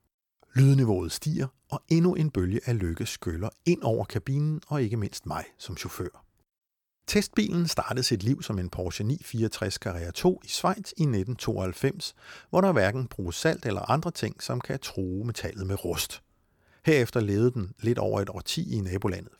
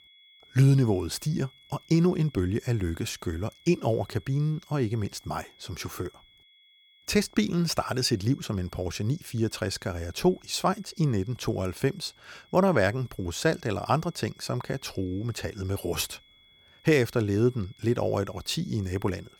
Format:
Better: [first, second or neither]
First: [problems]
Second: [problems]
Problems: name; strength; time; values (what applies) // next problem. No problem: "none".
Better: first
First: none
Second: high-pitched whine; faint; throughout; 3.5 kHz, 30 dB below the speech